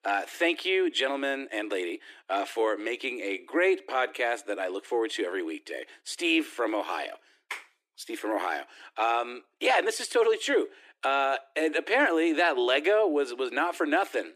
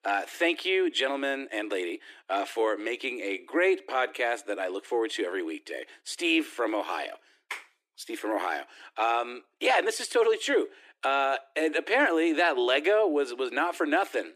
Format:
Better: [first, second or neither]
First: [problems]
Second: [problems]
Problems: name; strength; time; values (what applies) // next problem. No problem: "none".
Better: neither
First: thin; somewhat; fading below 300 Hz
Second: thin; somewhat; fading below 300 Hz